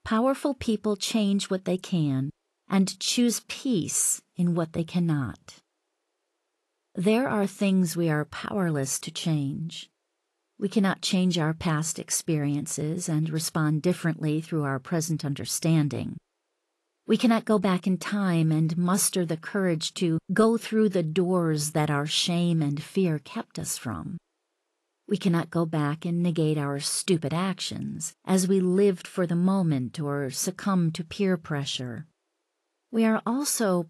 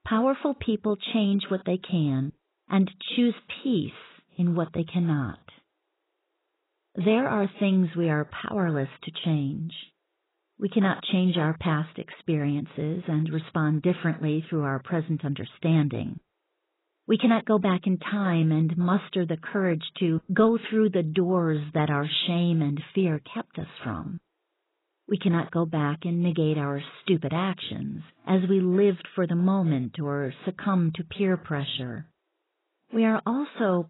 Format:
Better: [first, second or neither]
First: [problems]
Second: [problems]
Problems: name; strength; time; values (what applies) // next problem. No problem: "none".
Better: first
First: garbled, watery; slightly; nothing above 11.5 kHz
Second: garbled, watery; badly; nothing above 4 kHz